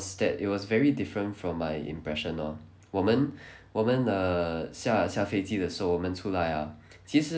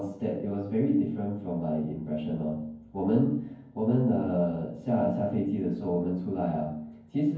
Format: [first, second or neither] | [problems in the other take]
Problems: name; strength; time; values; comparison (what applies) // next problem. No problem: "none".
first | room echo; dies away in 0.9 s